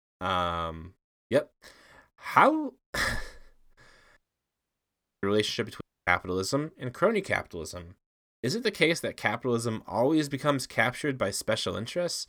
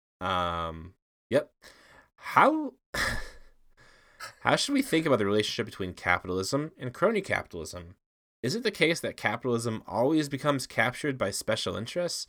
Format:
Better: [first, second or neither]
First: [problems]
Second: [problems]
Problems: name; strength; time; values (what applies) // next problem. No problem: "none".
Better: second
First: audio cutting out; at 4 s for 1 s and at 6 s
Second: none